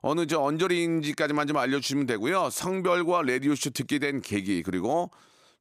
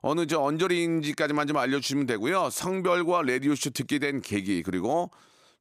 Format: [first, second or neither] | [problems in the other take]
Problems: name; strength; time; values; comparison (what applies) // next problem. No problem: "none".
neither | none